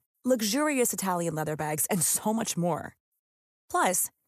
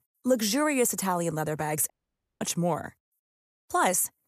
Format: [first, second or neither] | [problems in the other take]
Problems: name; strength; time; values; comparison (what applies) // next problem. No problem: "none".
first | audio cutting out; at 2 s for 0.5 s